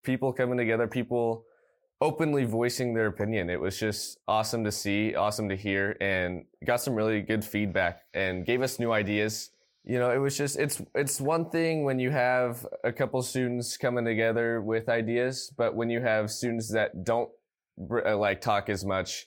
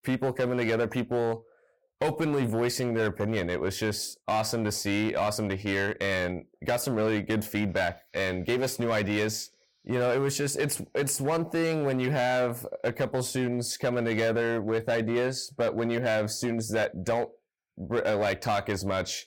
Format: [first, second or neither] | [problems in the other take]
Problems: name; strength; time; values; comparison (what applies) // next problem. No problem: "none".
first | distortion; slight; 9% of the sound clipped